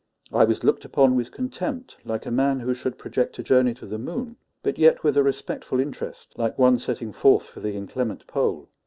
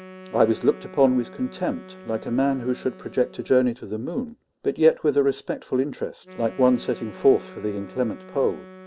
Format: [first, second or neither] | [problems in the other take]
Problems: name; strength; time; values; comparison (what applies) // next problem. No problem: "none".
first | background sound (Wind instrument, woodwind instrument); 20 dB below the speech